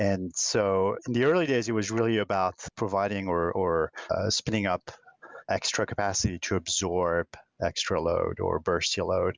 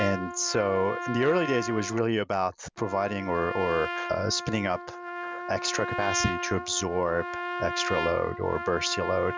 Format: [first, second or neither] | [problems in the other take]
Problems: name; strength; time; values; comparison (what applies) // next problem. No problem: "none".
first | background sound (Trumpet); 6 dB below the speech